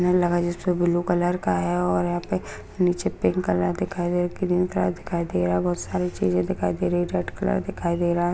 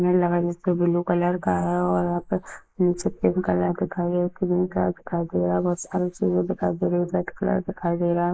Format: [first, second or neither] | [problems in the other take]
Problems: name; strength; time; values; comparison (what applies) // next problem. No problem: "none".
first | noise reduction (neural mask model Resemble Enhance denoiser)